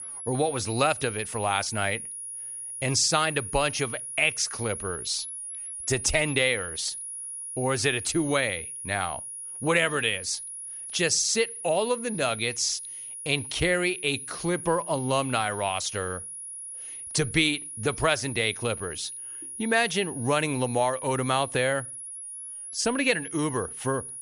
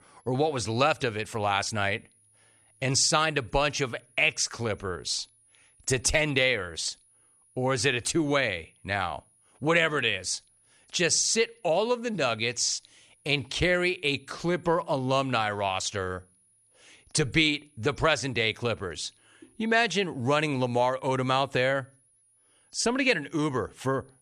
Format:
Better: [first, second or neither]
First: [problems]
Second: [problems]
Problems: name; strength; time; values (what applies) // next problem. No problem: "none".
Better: second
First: high-pitched whine; loud; throughout; 10.5 kHz, 8 dB below the speech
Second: high-pitched whine; faint; throughout; 10.5 kHz, 35 dB below the speech